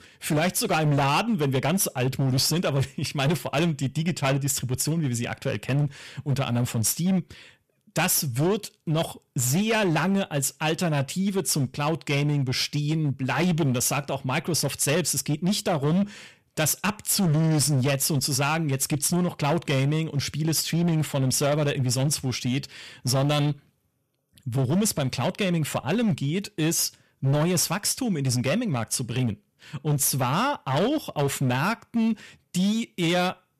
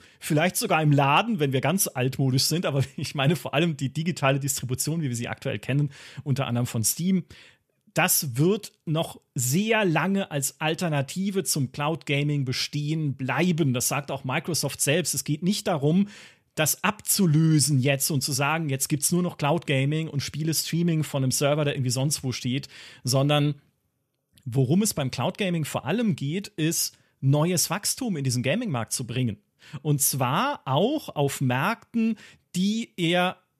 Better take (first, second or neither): second